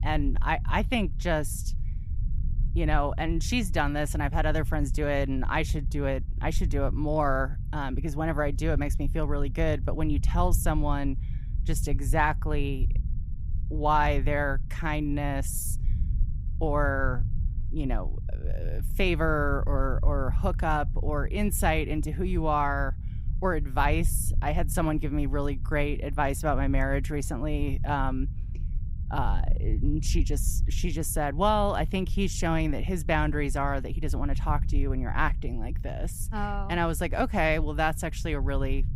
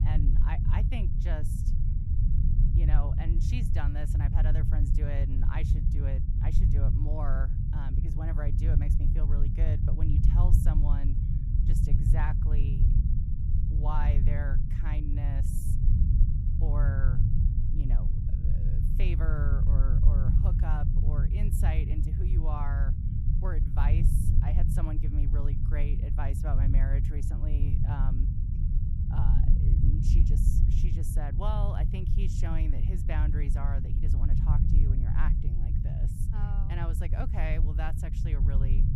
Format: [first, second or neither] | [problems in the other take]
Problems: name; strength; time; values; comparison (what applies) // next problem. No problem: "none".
first | low rumble; loud; throughout; 1 dB below the speech; faint in the first